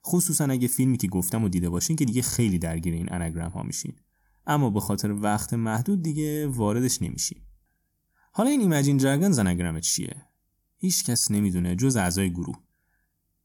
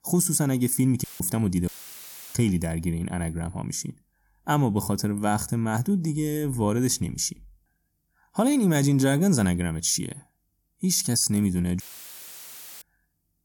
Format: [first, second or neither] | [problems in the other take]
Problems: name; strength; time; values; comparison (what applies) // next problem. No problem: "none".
first | audio cutting out; filled with static; at 1 s, at 1.5 s for 0.5 s and at 12 s for 1 s